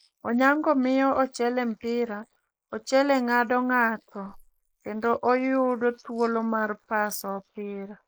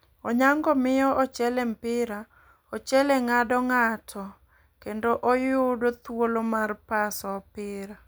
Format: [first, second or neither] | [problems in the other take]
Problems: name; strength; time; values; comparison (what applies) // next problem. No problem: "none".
second | noise reduction (neural mask model Resemble Enhance denoiser)